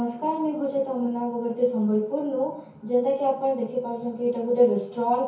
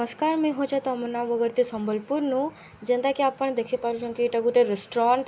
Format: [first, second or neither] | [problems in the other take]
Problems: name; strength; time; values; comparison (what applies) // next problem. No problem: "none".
second | room echo; dies away in 0.6 s